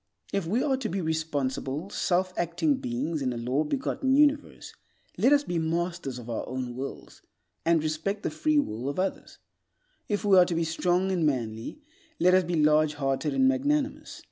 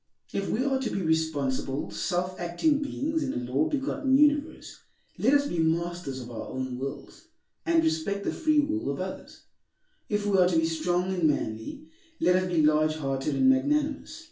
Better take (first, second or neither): first